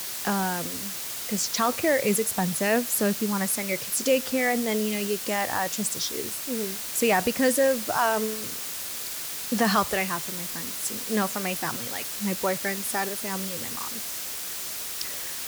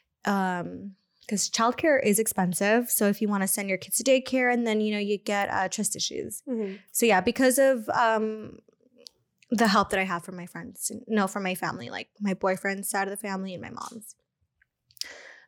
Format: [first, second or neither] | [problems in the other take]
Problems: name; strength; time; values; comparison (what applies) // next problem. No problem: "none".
second | hiss; loud; throughout; 3 dB below the speech